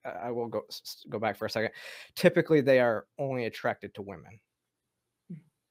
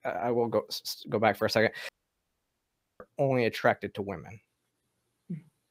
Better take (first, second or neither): first